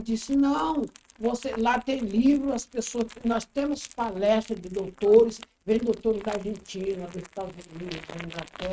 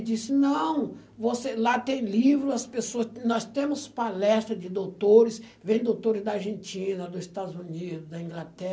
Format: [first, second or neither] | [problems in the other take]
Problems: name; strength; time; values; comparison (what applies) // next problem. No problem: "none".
second | noise reduction (neural mask model RNNoise)